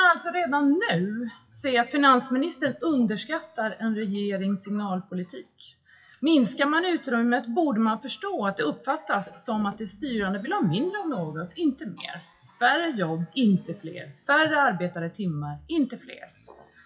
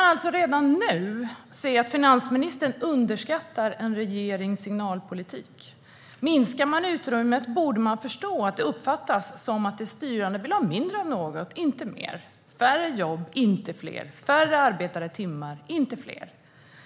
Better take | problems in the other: second | noise reduction (classical method WPE with log-MMSE)

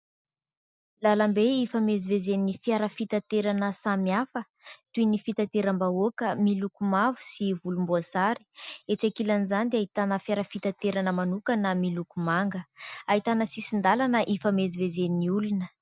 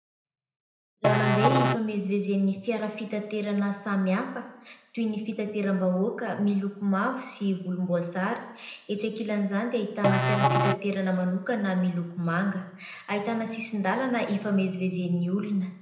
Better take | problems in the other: first | background sound (Musical instrument); 1 dB below the speech // room echo; dies away in 0.8 s

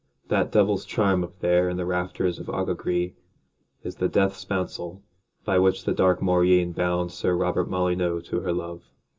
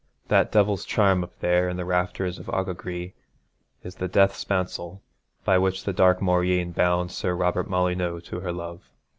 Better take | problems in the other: second | room echo; dies away in 0.2 s

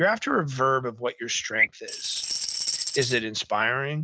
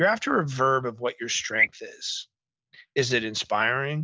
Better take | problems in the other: second | background sound (Tambourine); 4 dB below the speech

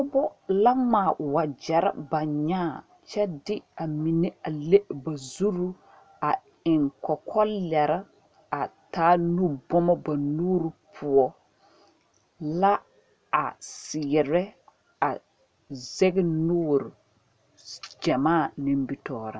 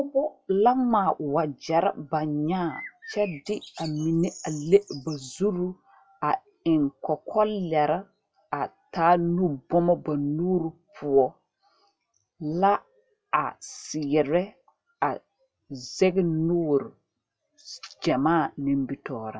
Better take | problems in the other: first | noise reduction (classical method log-MMSE)

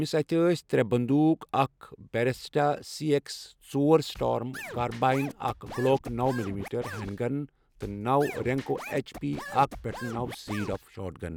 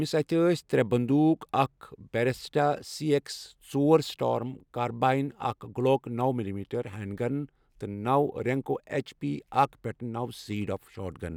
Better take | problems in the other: second | background sound (Scratching (performance technique)); 13 dB below the speech

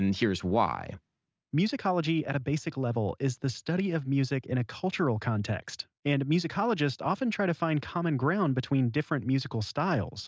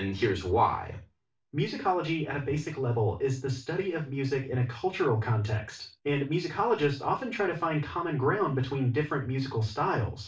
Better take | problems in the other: first | room echo; dies away in 0.3 s

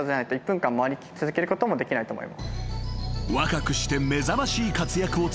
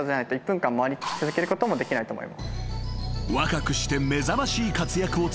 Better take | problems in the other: first | background sound (Drill); 11 dB below the speech

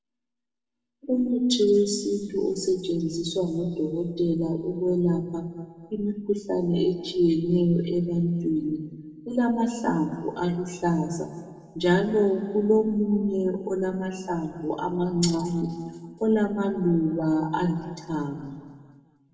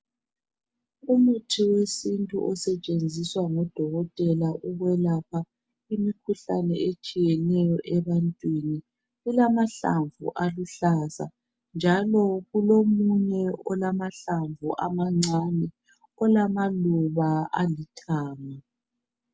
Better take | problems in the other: second | room echo; dies away in 1.6 s

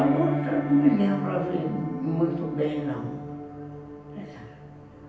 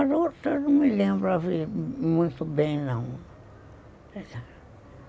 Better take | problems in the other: second | background sound (Piano); 6 dB below the speech // room echo; dies away in 0.9 s

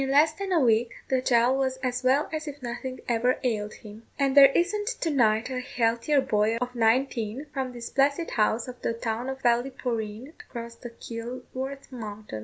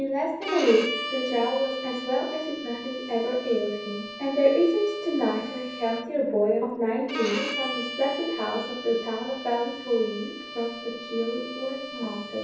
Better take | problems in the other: first | background sound (Bowed string instrument); 10 dB below the speech // room echo; dies away in 0.9 s

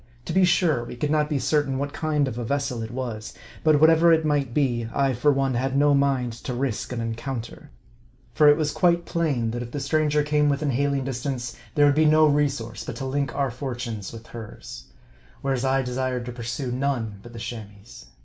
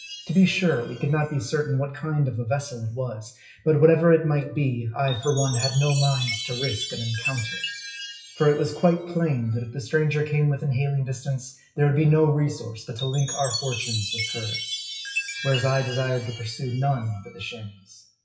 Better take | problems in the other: first | noise reduction (classical method WPE with log-MMSE)

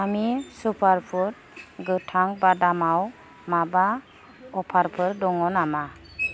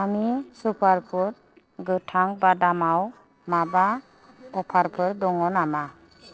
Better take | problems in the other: first | noise reduction (neural separator model SepFormer DNS4)

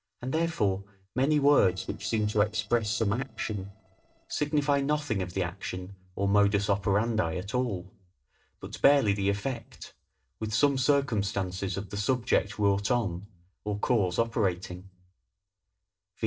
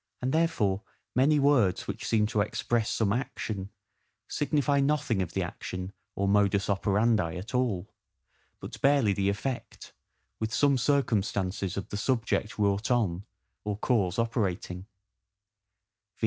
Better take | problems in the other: second | noise reduction (neural separator model SepFormer DNS4)

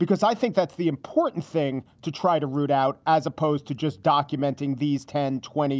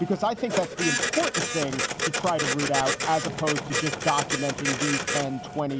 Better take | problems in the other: first | background sound (Printer); 1 dB below the speech

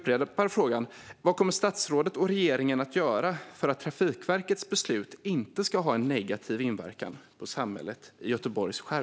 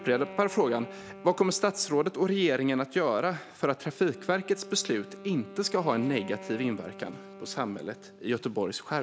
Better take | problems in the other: first | background sound (Wind instrument, woodwind instrument); 17 dB below the speech

